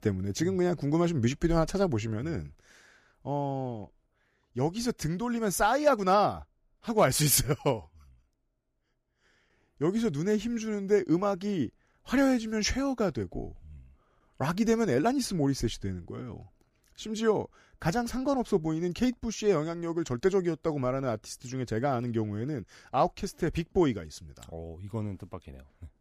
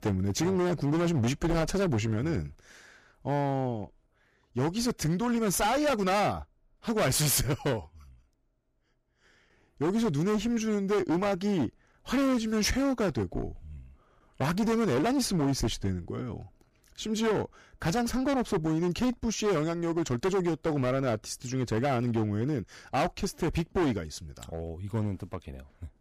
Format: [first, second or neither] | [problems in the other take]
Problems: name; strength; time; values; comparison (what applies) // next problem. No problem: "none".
first | distortion; heavy; 17% of the sound clipped